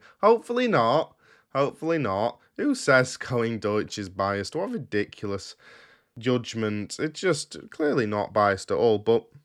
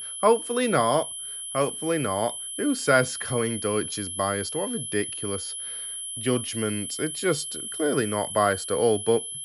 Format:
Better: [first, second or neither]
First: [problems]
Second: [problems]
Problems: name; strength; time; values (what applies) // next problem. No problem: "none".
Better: first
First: none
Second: high-pitched whine; loud; throughout; 11 kHz, 6 dB below the speech